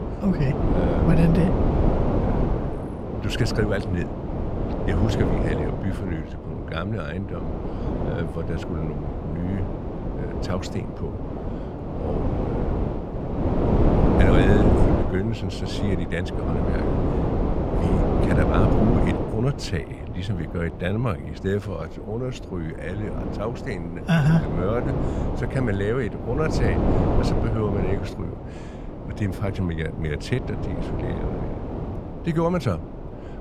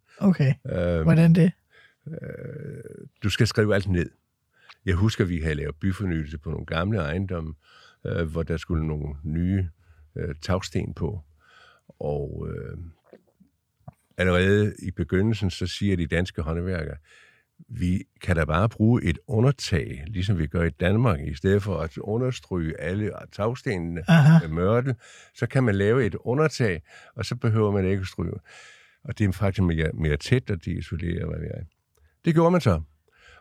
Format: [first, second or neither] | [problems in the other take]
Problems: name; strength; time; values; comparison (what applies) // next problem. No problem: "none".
second | wind noise on the microphone; heavy; 1 dB above the speech